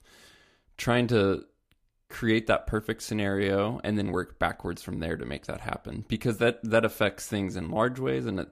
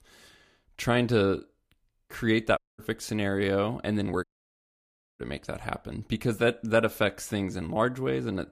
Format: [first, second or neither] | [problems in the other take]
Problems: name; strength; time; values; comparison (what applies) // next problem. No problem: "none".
first | audio cutting out; at 2.5 s and at 4 s for 1 s